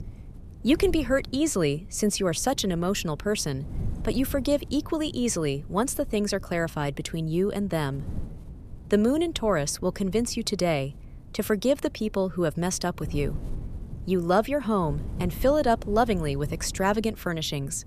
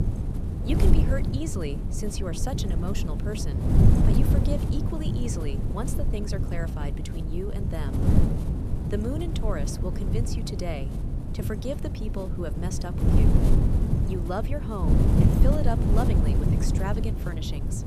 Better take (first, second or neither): first